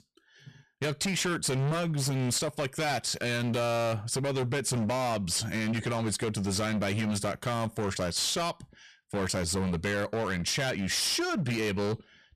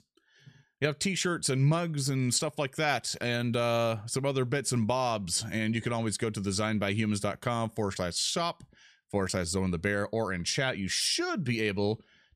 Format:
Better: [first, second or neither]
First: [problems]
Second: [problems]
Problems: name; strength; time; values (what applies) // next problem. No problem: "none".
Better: second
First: distortion; heavy; 23% of the sound clipped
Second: none